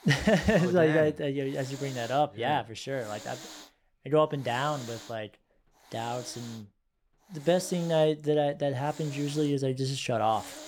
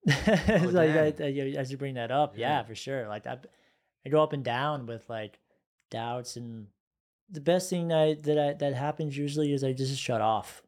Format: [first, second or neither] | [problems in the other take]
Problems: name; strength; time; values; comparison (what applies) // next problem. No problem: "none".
second | hiss; noticeable; throughout; 20 dB below the speech